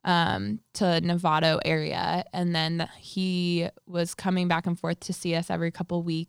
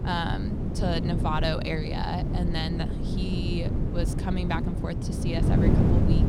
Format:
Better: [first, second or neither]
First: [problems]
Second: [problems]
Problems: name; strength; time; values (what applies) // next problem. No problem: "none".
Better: first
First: none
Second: wind noise on the microphone; heavy; 3 dB below the speech